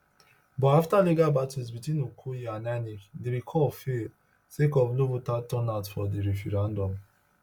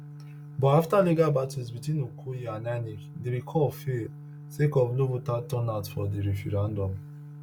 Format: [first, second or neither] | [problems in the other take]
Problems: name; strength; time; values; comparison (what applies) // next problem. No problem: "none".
first | background sound (Organ); 15 dB below the speech